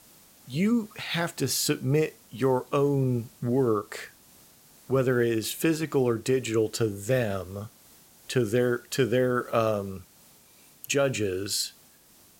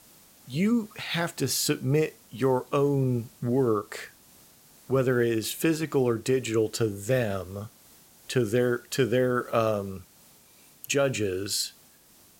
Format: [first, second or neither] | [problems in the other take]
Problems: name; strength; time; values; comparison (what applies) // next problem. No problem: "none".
neither | hiss; faint; throughout; 25 dB below the speech; the same in both